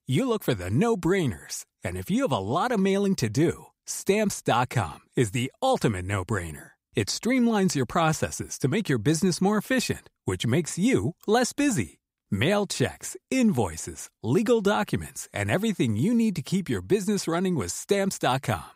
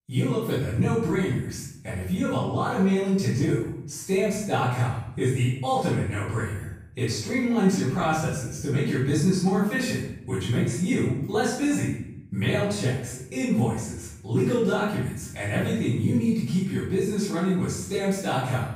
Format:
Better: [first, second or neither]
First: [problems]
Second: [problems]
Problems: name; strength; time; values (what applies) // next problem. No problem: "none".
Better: first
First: none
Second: off-mic speech; far // room echo; strong; dies away in 0.7 s